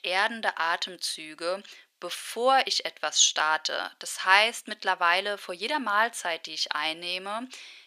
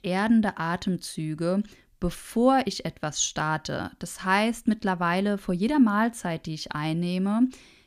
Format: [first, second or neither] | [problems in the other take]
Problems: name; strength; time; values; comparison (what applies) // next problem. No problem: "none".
second | thin; very; fading below 500 Hz